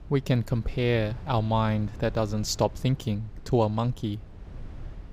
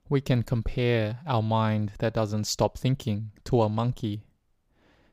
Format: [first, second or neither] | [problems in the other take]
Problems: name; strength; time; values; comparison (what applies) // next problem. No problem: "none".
second | low rumble; faint; throughout; 25 dB below the speech